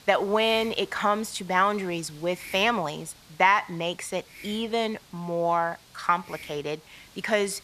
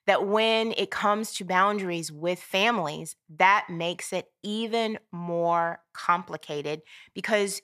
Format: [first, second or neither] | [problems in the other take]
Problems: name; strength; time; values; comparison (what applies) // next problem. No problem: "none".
second | hiss; faint; throughout; 20 dB below the speech